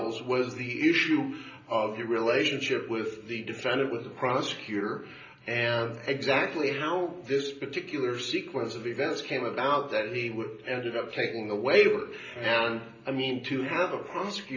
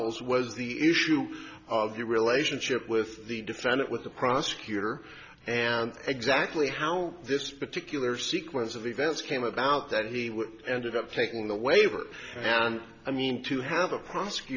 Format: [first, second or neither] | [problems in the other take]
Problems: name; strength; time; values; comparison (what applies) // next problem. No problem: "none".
second | room echo; dies away in 0.5 s